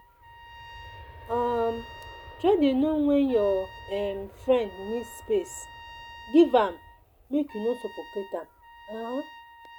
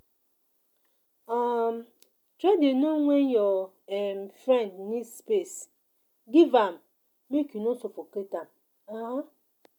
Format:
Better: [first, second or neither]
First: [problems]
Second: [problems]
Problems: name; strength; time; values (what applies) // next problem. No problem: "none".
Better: second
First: background sound (Trumpet + Aircraft); 18 dB below the speech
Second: none